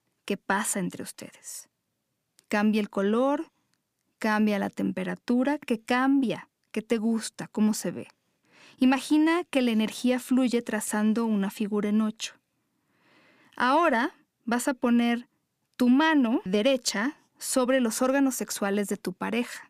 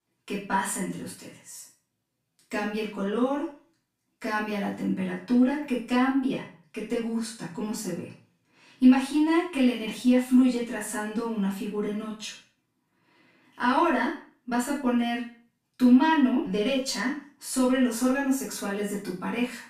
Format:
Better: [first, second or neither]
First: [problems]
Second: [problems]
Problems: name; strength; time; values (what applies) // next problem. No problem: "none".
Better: first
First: none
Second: room echo; noticeable; dies away in 0.4 s // off-mic speech; far